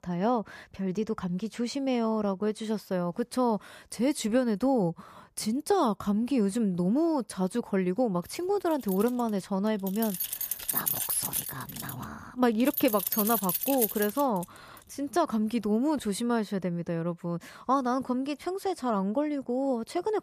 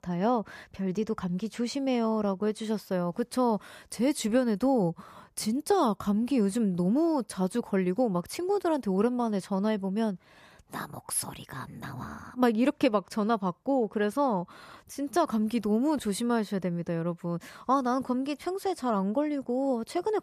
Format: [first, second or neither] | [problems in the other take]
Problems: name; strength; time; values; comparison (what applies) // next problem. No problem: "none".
second | jangling keys; loud; from 9 to 14 s; peak 2 dB above the speech